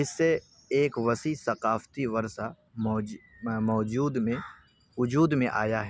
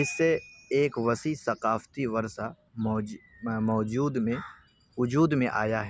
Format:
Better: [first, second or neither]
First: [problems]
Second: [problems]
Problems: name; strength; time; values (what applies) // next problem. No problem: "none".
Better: first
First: none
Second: background sound (Piano); 20 dB below the speech